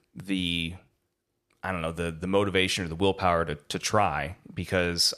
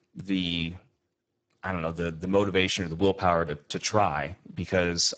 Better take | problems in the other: first | garbled, watery; badly; nothing above 7.5 kHz

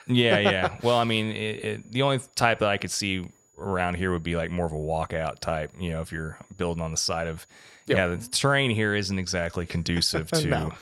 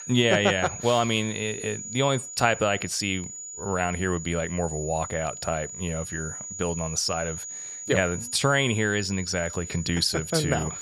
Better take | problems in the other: first | high-pitched whine; loud; throughout; 7 kHz, 9 dB below the speech; faint in the first

